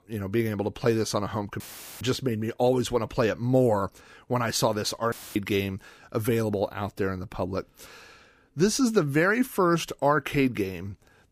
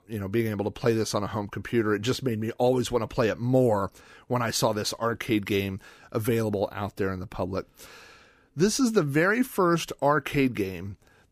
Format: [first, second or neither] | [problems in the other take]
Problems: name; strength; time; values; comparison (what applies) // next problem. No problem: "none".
second | audio cutting out; filled with static; at 1.5 s and at 5 s